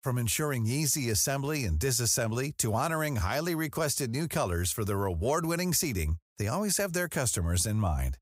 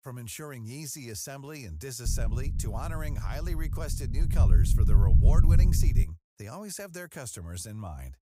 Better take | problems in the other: first | low rumble; loud; from 2 to 6 s; 3 dB below the speech

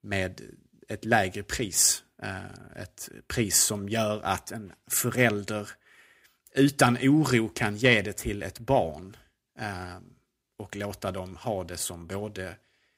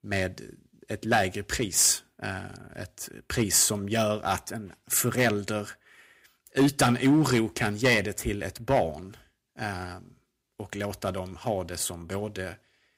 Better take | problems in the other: first | distortion; slight; 1.9% of the sound clipped

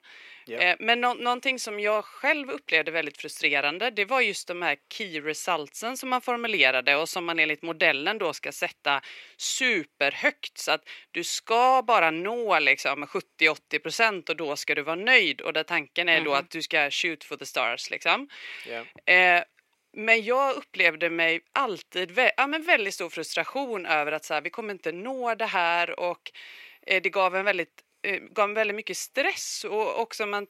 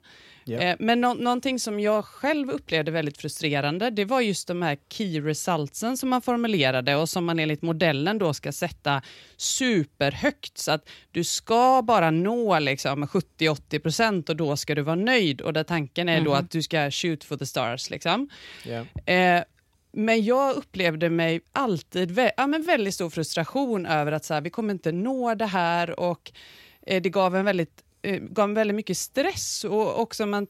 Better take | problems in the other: second | thin; somewhat; fading below 400 Hz

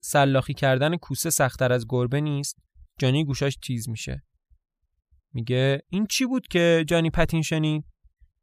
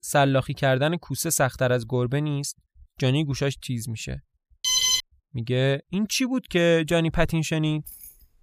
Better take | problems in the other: first | alarm; loud; at 4.5 s; peak 5 dB above the speech // jangling keys; faint; at 7.5 s; peak 15 dB below the speech

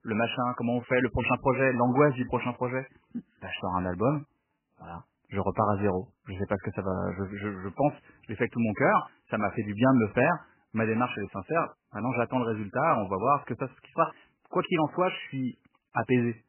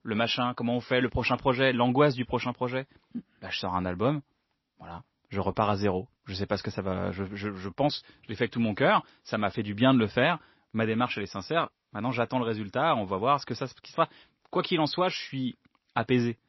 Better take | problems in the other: second | garbled, watery; badly; nothing above 3 kHz; slightly in the second

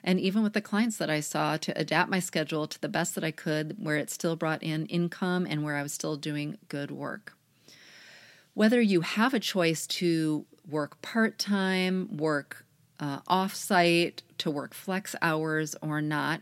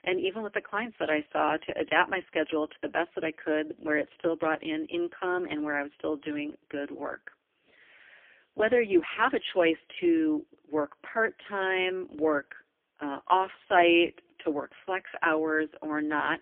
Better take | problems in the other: first | phone-call audio; poor line; nothing above 3 kHz

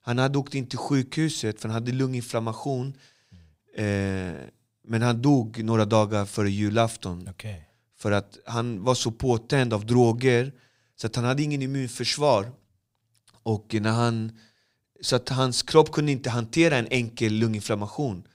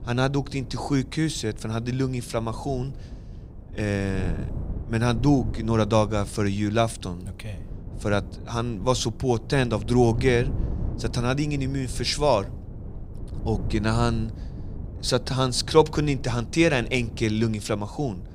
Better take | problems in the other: first | wind noise on the microphone; occasional gusts; 20 dB below the speech

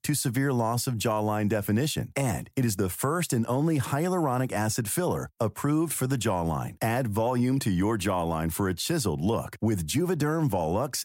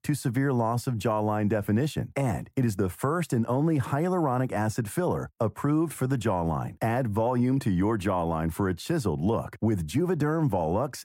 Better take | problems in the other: first | muffled; slightly; fading above 2.5 kHz

